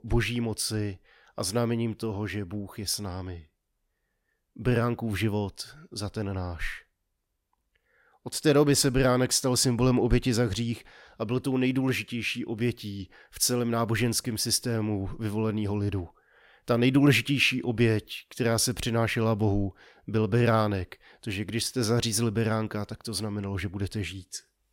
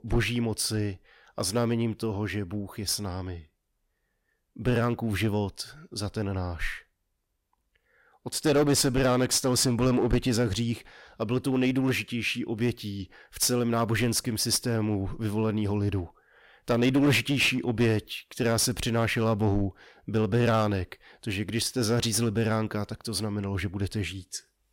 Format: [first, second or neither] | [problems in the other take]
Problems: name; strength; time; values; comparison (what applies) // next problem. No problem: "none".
first | distortion; slight; 5% of the sound clipped